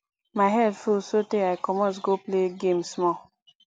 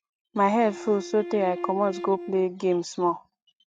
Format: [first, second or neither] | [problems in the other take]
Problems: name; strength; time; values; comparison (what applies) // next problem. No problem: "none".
first | noise reduction (neural mask model RNNoise)